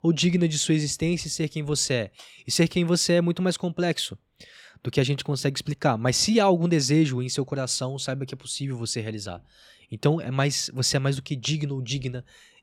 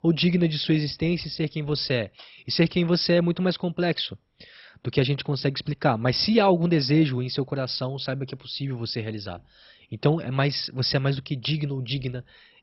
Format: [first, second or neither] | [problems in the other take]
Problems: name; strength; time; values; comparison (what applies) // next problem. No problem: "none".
first | garbled, watery; badly; nothing above 5.5 kHz